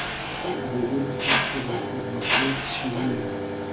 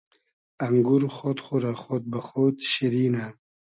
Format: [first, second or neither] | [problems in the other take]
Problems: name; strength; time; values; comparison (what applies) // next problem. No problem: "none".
second | background sound (Mechanisms); 4 dB above the speech // room echo; dies away in 0.3 s